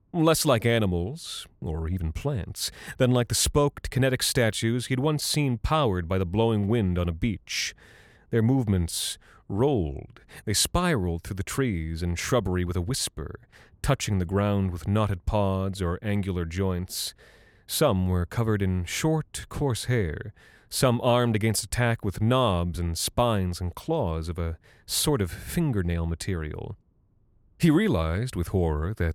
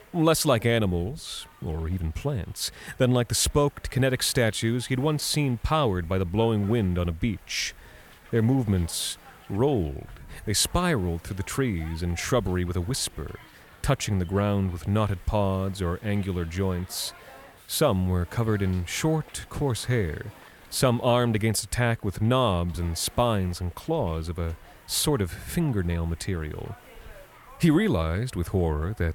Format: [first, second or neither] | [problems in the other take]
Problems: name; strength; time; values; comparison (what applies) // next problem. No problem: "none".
first | hiss; faint; throughout; 25 dB below the speech